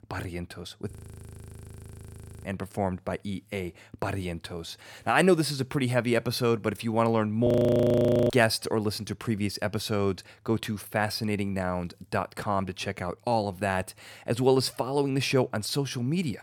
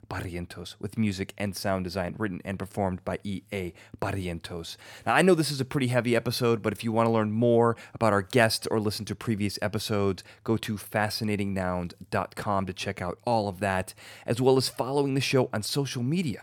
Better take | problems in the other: second | audio freezing; at 1 s for 1.5 s and at 7.5 s for 1 s

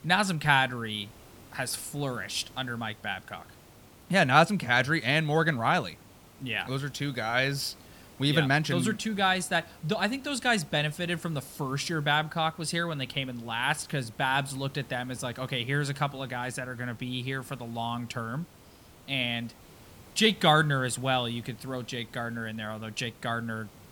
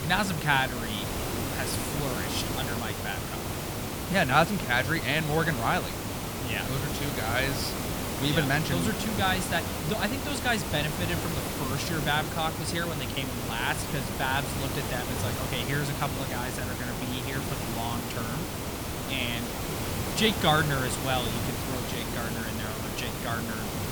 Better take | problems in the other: first | hiss; loud; throughout; 2 dB below the speech; faint in the first

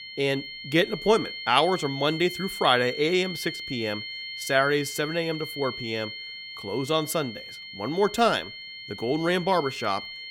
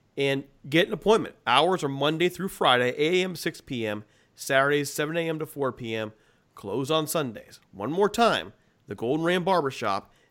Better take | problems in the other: second | high-pitched whine; loud; throughout; 2 kHz, 9 dB below the speech

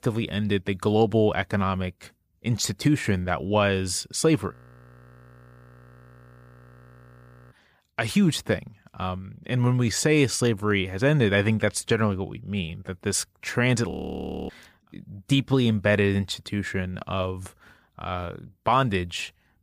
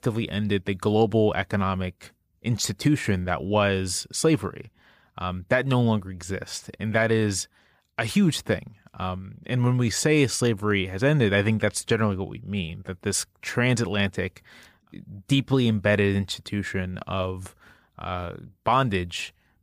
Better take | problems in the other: second | audio freezing; at 4.5 s for 3 s and at 14 s for 0.5 s

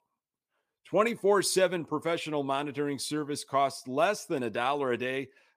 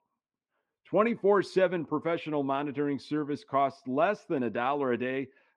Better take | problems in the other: first | muffled; slightly; fading above 2.5 kHz

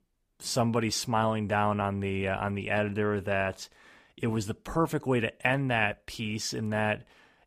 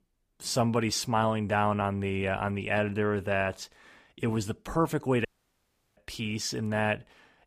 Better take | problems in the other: first | audio cutting out; at 5.5 s for 0.5 s

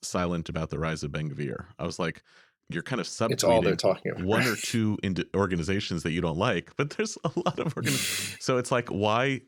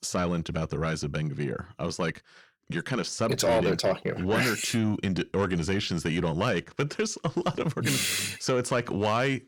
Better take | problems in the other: first | distortion; slight; 10 dB below the speech

